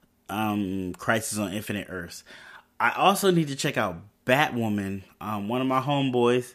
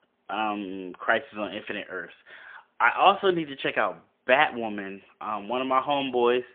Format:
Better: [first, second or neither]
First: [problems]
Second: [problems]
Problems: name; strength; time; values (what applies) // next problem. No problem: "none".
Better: first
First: none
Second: phone-call audio; poor line; nothing above 3.5 kHz